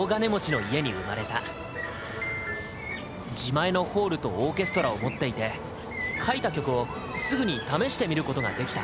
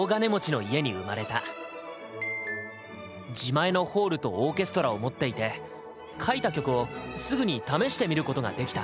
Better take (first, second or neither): second